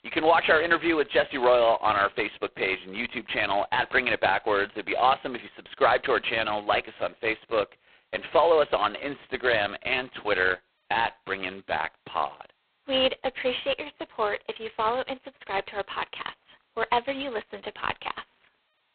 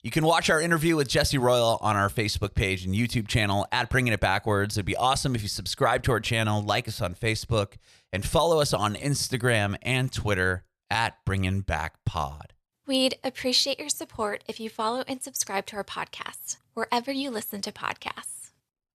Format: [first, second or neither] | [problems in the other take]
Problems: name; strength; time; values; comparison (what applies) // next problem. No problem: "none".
second | phone-call audio; poor line; nothing above 4 kHz